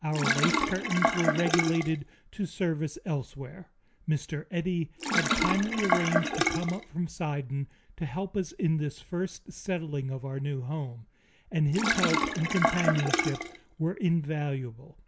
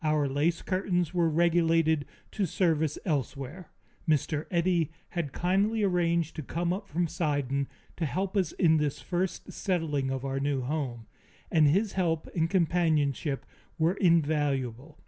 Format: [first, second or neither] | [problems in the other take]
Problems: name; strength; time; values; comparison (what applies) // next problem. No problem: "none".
second | background sound (Sink (filling or washing)); as loud as the speech